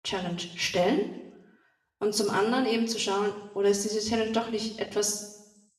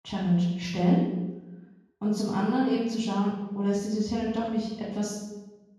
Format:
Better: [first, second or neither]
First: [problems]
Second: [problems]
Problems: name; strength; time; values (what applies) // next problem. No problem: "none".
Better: first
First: room echo; slight; dies away in 0.8 s // off-mic speech; somewhat distant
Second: room echo; strong; dies away in 1.3 s // off-mic speech; far